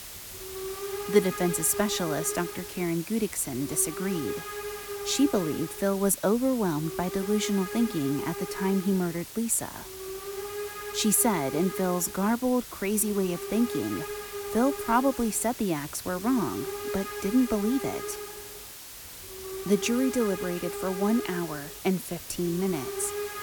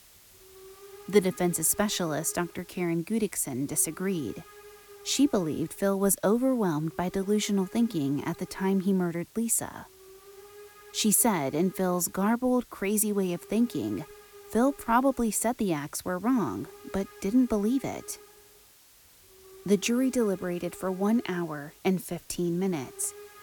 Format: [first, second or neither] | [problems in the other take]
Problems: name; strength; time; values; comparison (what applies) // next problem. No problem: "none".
second | hiss; loud; throughout; 8 dB below the speech; faint in the second